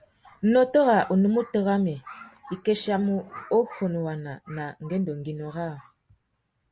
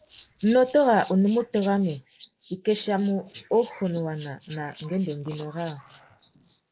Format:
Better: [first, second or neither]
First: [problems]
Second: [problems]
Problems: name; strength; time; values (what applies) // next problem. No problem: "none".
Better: first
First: none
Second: noise reduction (neural mask model Resemble Enhance denoiser)